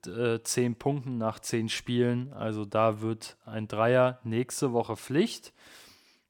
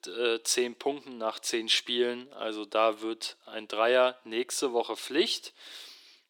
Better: first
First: none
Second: thin; somewhat; fading below 350 Hz

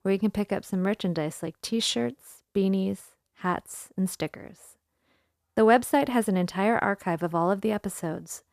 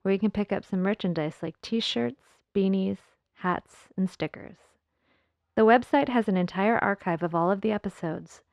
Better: first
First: none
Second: muffled; very slightly; fading above 3 kHz

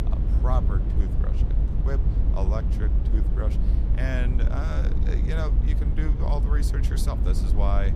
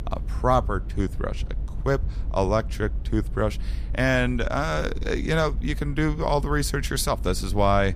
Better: second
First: low rumble; loud; throughout; 4 dB below the speech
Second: low rumble; faint; throughout; 25 dB below the speech

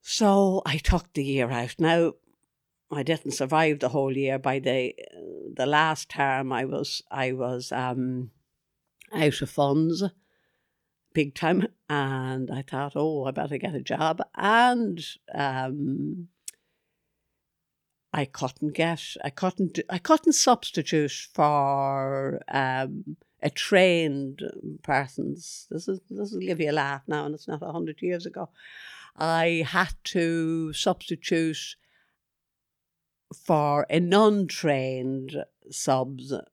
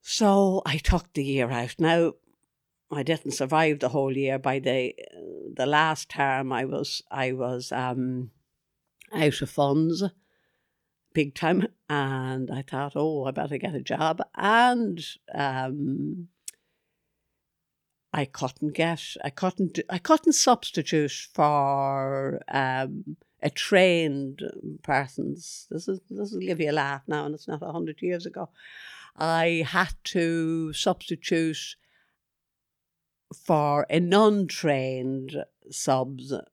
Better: neither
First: none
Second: none

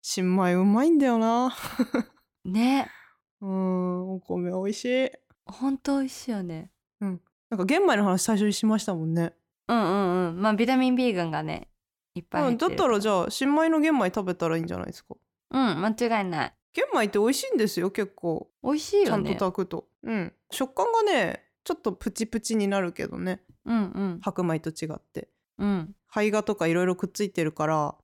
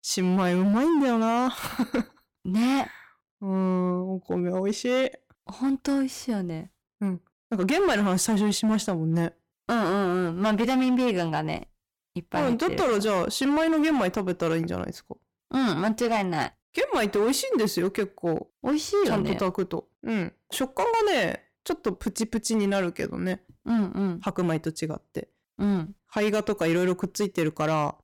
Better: first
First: none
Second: distortion; slight; 11% of the sound clipped

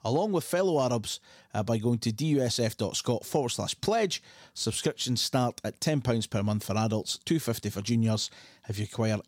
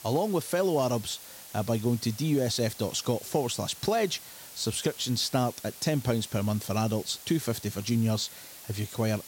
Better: first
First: none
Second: hiss; noticeable; throughout; 15 dB below the speech

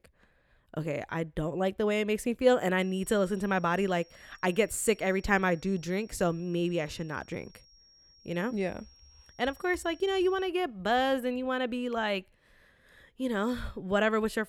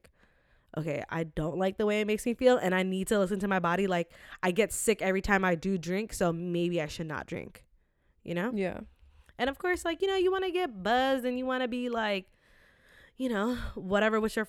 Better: second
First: high-pitched whine; faint; from 3 to 10 s; 5.5 kHz, 30 dB below the speech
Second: none

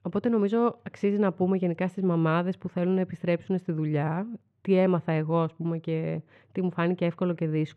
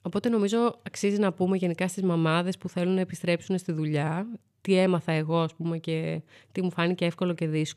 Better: second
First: muffled; very; fading above 4 kHz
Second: none

